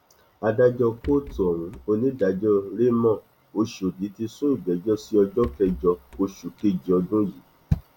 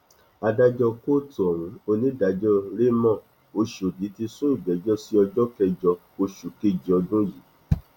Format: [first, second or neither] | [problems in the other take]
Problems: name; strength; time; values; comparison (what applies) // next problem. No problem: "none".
second | background sound (Rattle / Breathing); 20 dB below the speech